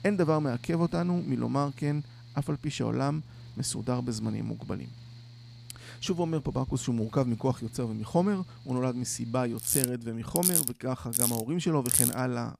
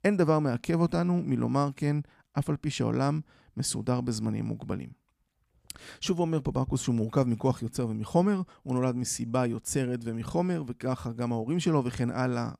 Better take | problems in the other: second | machinery noise; very loud; throughout; 3 dB above the speech

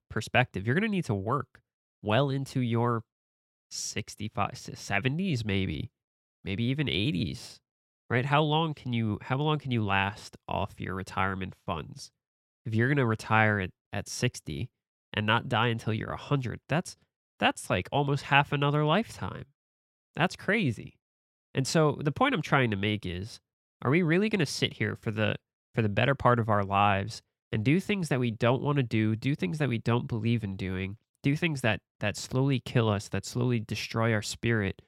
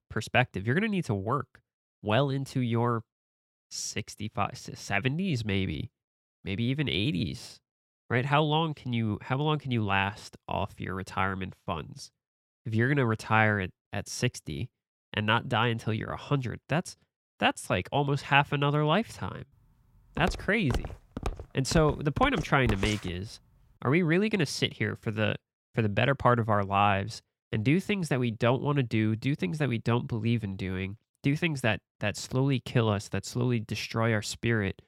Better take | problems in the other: first | footsteps; noticeable; from 20 to 23 s; peak 6 dB below the speech

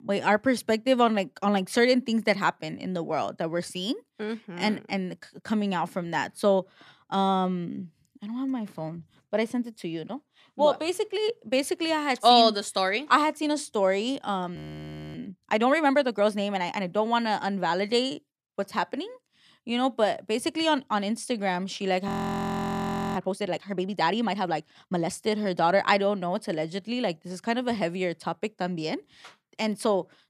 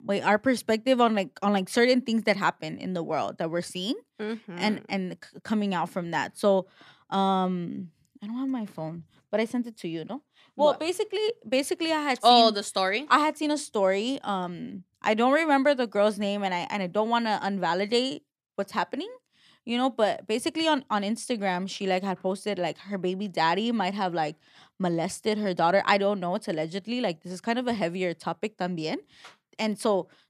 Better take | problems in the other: second | audio freezing; at 15 s for 0.5 s and at 22 s for 1 s

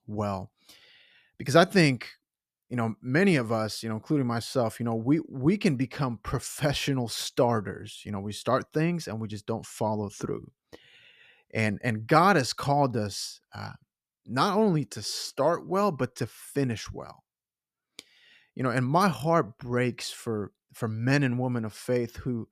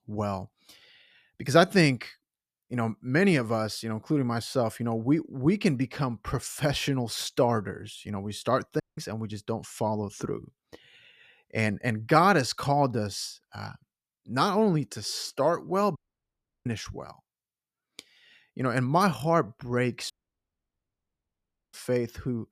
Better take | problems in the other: first | audio cutting out; at 9 s, at 16 s for 0.5 s and at 20 s for 1.5 s

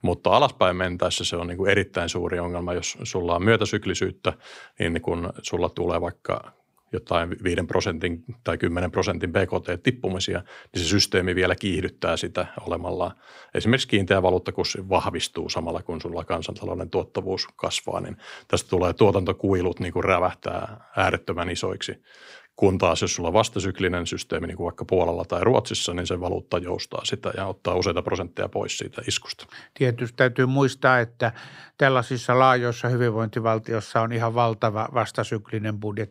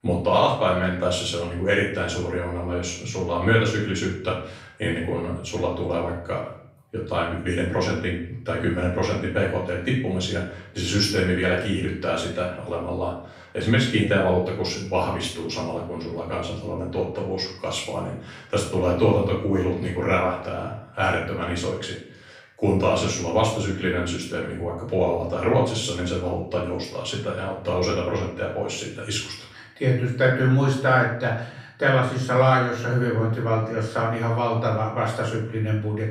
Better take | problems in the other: first | off-mic speech; far // room echo; noticeable; dies away in 0.5 s

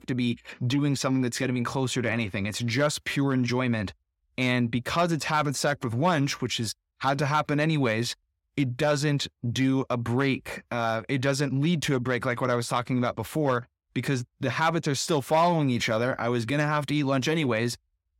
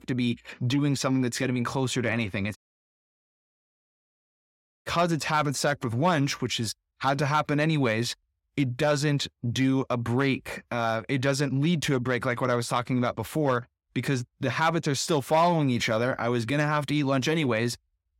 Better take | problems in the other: first | audio cutting out; at 2.5 s for 2.5 s

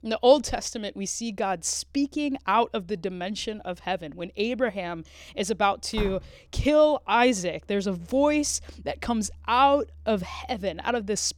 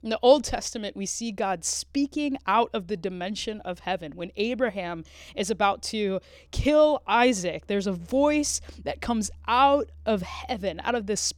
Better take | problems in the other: second | door banging; faint; at 6 s; peak 10 dB below the speech

